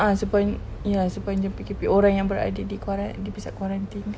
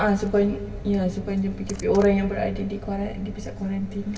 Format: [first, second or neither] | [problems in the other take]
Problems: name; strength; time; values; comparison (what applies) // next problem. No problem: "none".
first | background sound (Liquid); 18 dB below the speech // room echo; dies away in 1.2 s